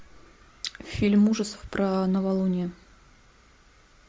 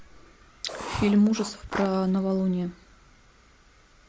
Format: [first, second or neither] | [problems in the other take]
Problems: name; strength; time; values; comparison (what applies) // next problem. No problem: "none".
first | background sound (Writing); 11 dB below the speech